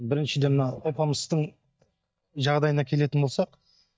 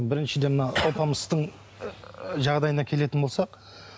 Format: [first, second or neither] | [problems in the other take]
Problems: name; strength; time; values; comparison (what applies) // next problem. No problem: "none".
second | noise reduction (neural mask model DeepFilterNet 3)